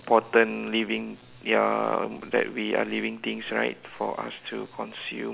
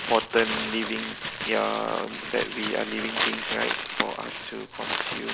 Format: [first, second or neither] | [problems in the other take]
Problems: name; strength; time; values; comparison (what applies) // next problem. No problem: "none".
first | background sound (Crumpling, crinkling); 2 dB below the speech